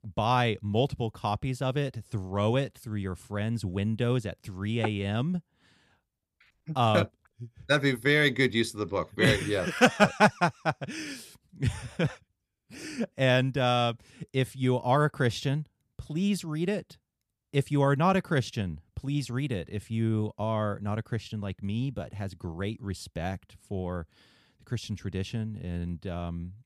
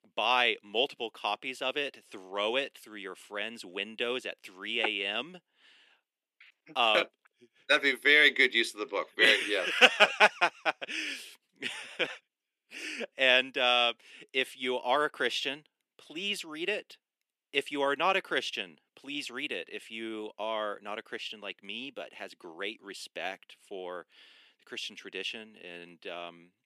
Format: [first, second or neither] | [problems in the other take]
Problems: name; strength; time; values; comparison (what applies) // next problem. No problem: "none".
first | thin; very; fading below 300 Hz